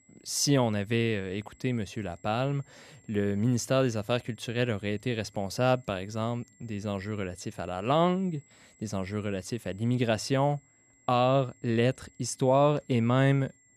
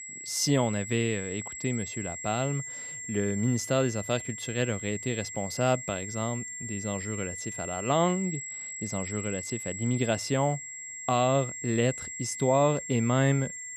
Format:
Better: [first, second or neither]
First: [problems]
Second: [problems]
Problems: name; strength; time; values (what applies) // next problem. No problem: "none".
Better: first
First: high-pitched whine; faint; throughout; 7.5 kHz, 30 dB below the speech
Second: high-pitched whine; loud; throughout; 7.5 kHz, 7 dB below the speech